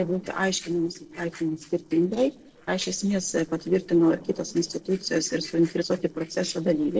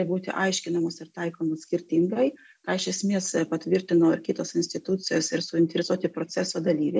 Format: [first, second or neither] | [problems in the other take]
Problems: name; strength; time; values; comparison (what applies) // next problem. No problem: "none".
second | noise reduction (neural separator model SepFormer DNS4)